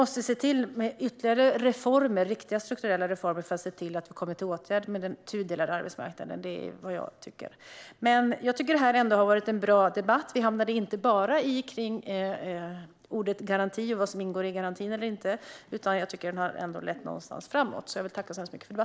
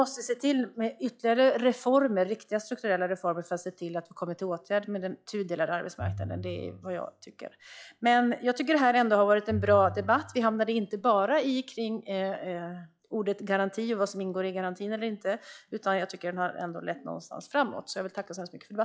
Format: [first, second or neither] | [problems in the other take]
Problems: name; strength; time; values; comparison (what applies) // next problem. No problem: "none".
first | noise reduction (classical method log-MMSE)